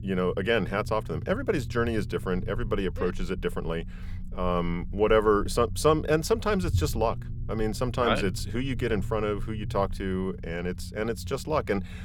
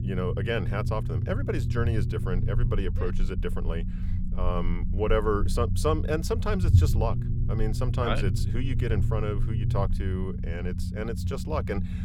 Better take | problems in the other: first | low rumble; loud; throughout; 10 dB below the speech; faint in the first

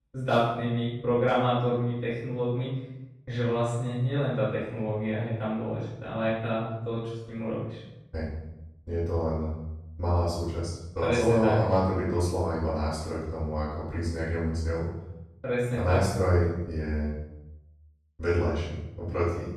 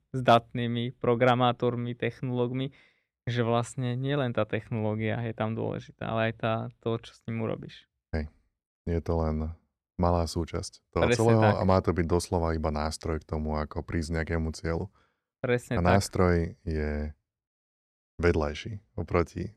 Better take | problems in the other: second | room echo; strong; dies away in 0.8 s // off-mic speech; far

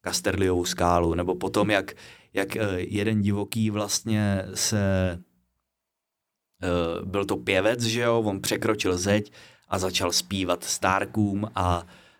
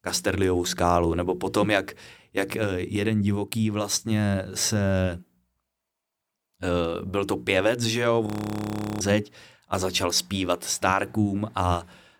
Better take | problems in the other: first | audio freezing; at 8.5 s for 0.5 s

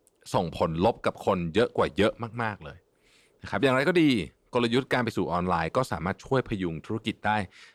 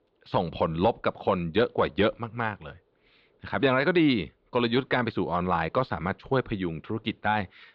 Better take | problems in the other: first | muffled; very slightly; fading above 4 kHz

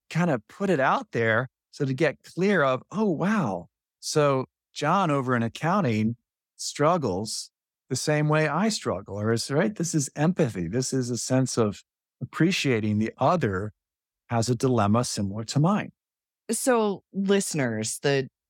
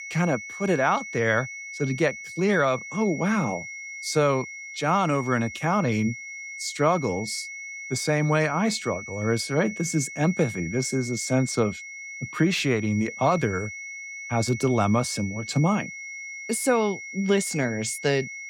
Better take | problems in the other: first | high-pitched whine; noticeable; throughout; 2 kHz, 10 dB below the speech

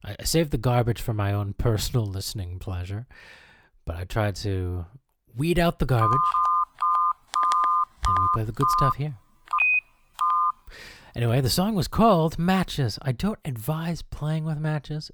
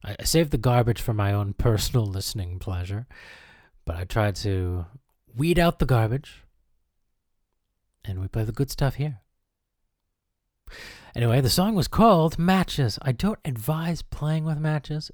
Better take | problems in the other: second | phone ringing; loud; from 6 to 11 s; peak 6 dB above the speech

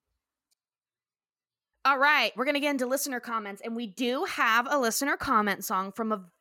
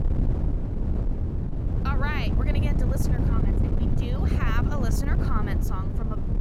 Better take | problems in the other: first | wind noise on the microphone; heavy; 2 dB below the speech

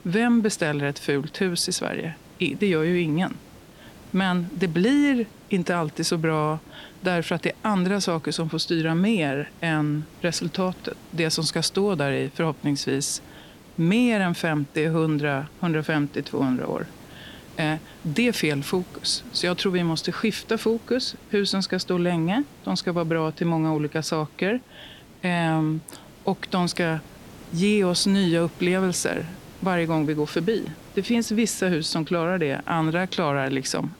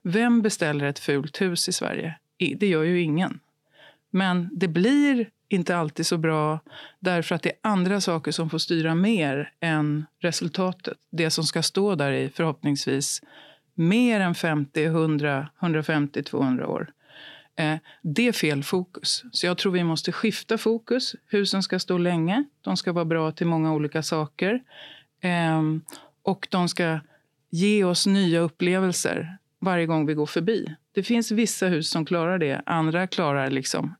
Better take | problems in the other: second | hiss; faint; throughout; 20 dB below the speech

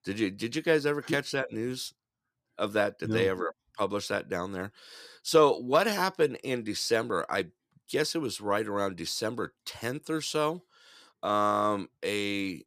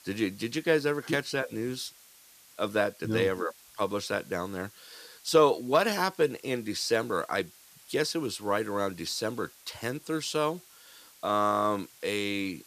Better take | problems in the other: first | hiss; faint; throughout; 25 dB below the speech

